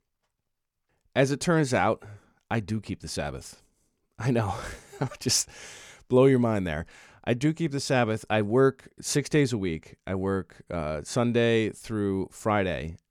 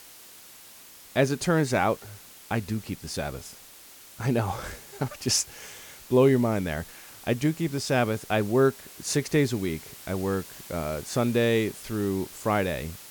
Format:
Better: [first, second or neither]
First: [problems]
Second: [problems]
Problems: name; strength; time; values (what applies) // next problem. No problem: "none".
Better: first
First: none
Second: hiss; noticeable; throughout; 15 dB below the speech